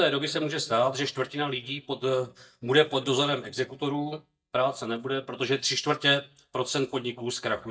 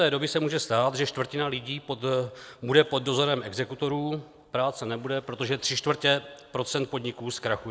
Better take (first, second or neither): second